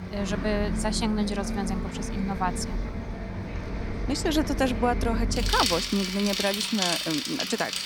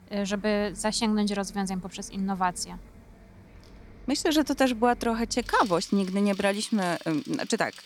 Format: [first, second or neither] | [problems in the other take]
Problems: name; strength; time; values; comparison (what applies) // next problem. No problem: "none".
second | traffic noise; loud; throughout; 2 dB below the speech; faint in the second